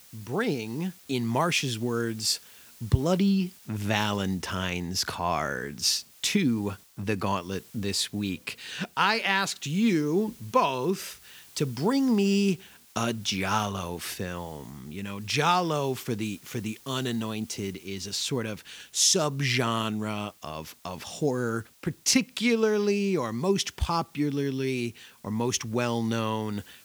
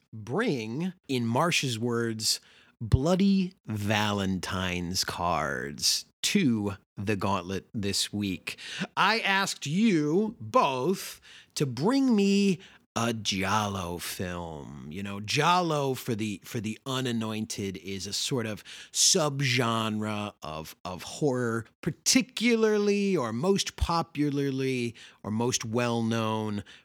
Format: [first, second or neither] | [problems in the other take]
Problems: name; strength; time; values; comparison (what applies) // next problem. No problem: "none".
second | hiss; faint; throughout; 25 dB below the speech